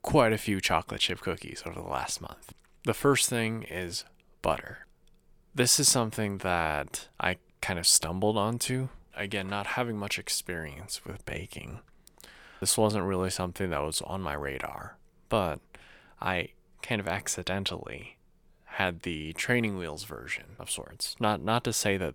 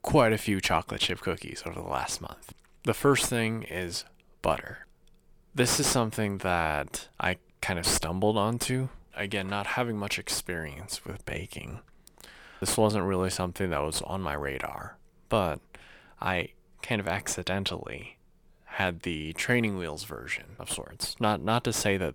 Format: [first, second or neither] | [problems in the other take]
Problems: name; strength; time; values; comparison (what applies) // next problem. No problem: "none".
first | distortion; slight; 8 dB below the speech